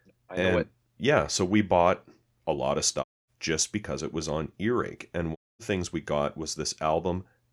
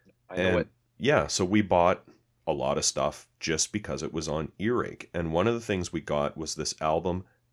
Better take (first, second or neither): second